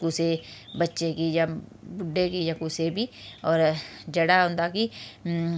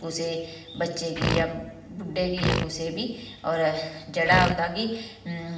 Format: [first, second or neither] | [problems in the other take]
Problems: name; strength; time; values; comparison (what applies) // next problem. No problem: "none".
first | background sound (Fart); 1 dB above the speech // room echo; dies away in 0.9 s